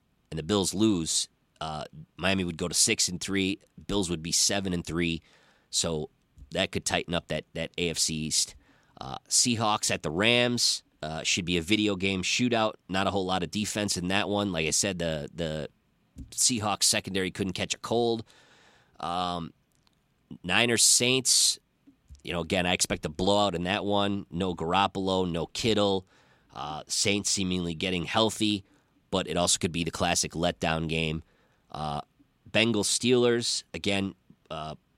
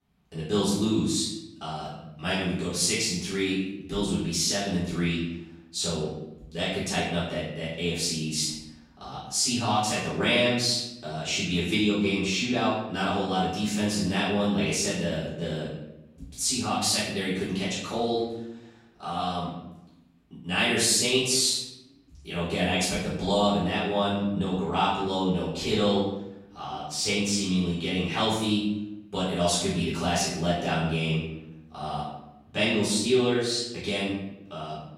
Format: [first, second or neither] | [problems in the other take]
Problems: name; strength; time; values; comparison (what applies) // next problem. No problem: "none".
first | off-mic speech; far // room echo; noticeable; dies away in 0.8 s